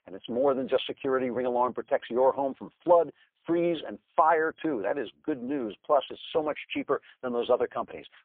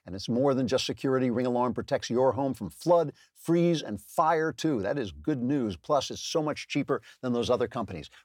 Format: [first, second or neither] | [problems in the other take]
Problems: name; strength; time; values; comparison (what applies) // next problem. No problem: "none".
second | phone-call audio; poor line; nothing above 3.5 kHz